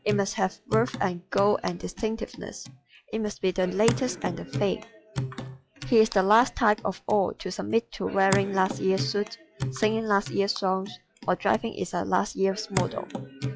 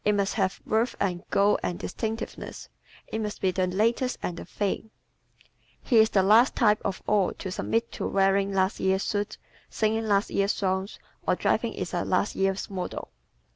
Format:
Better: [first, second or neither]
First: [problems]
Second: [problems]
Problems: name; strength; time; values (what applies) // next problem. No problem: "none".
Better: second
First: noise reduction (classical method log-MMSE)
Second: none